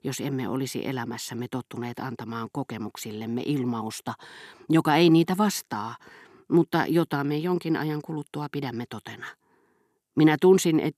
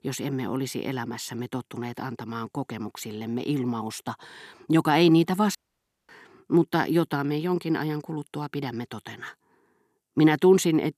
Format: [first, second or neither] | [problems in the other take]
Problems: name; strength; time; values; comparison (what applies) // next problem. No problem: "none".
first | audio cutting out; at 5.5 s for 0.5 s